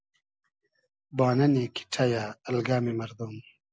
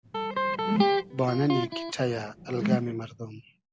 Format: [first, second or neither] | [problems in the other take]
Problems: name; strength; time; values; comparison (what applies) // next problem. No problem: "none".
first | background sound (Electric guitar + Whoosh, swoosh, swish); 1 dB above the speech